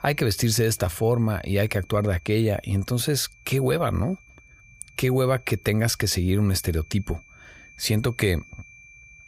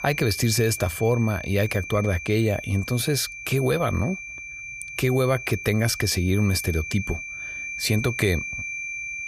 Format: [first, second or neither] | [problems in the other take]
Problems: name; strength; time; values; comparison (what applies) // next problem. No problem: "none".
first | high-pitched whine; loud; throughout; 2.5 kHz, 9 dB below the speech; faint in the first